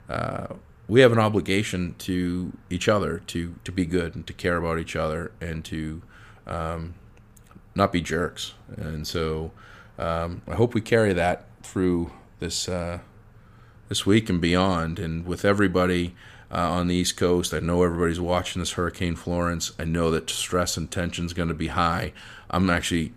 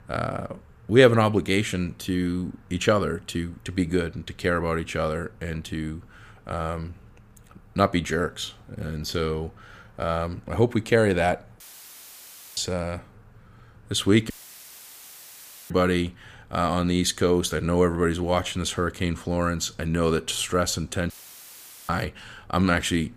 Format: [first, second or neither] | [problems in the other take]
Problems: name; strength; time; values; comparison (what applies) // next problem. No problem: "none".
first | audio cutting out; filled with static; at 12 s for 1 s, at 14 s for 1.5 s and at 21 s for 1 s